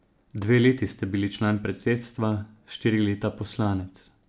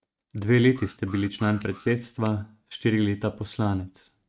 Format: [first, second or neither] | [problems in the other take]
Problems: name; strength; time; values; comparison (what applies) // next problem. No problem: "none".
first | noise reduction (neural mask model RNNoise)